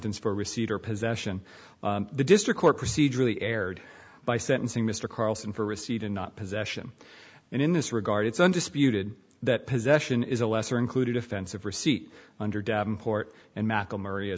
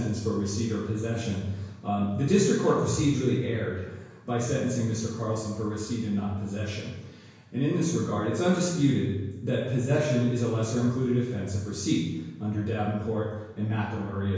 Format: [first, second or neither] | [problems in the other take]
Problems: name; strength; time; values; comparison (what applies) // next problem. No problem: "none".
first | room echo; dies away in 1 s